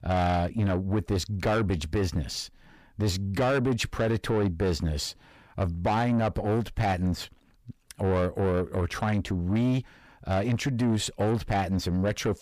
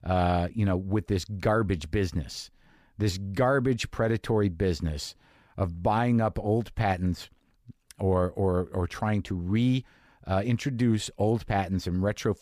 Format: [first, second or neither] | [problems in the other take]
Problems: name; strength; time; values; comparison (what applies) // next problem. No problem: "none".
second | distortion; slight; 10 dB below the speech